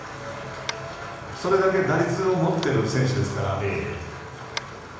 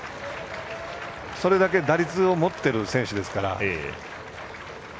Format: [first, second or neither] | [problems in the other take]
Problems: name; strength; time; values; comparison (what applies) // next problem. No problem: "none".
second | background sound (Tap); 18 dB below the speech // room echo; dies away in 1 s